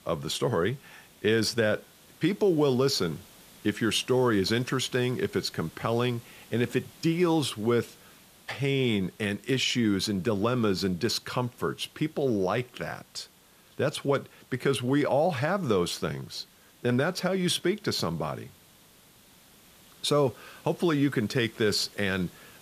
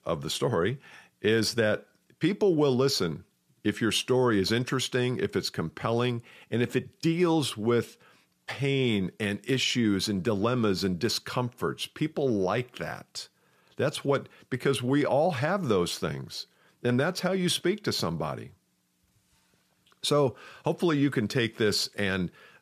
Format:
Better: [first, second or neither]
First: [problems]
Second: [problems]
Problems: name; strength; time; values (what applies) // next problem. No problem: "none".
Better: second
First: hiss; faint; throughout; 25 dB below the speech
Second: none